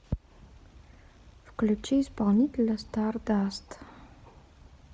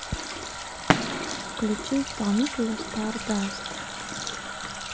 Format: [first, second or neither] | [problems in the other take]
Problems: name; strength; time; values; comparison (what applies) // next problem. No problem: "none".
first | background sound (Fireworks + Water tap, faucet); 1 dB below the speech